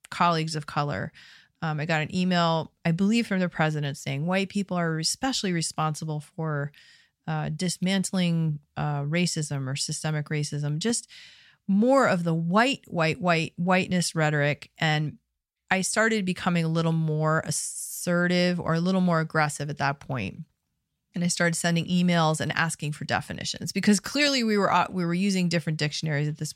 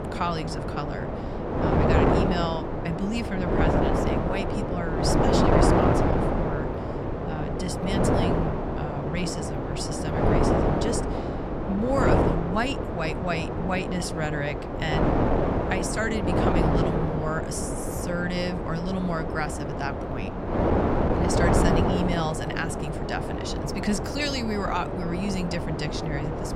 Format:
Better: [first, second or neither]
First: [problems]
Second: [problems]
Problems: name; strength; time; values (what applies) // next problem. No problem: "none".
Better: first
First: none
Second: wind noise on the microphone; heavy; 4 dB above the speech